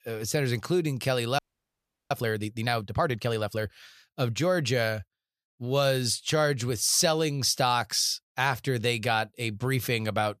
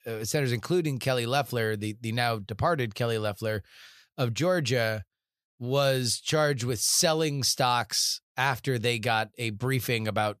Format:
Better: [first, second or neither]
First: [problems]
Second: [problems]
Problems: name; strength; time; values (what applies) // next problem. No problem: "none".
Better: second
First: audio freezing; at 1.5 s for 0.5 s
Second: none